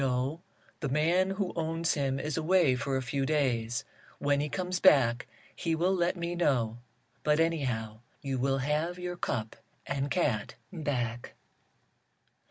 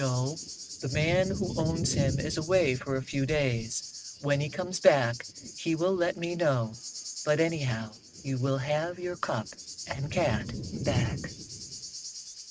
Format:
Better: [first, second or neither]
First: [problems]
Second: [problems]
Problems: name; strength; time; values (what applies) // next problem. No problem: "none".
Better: first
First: none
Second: noise reduction (neural mask model RNNoise)